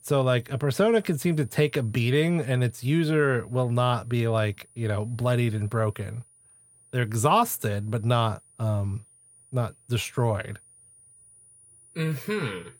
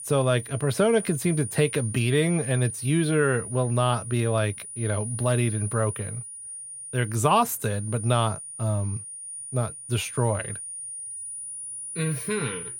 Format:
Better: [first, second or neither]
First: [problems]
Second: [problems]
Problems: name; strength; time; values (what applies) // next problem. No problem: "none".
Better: first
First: high-pitched whine; faint; throughout; 9.5 kHz, 25 dB below the speech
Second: high-pitched whine; loud; throughout; 9.5 kHz, 9 dB below the speech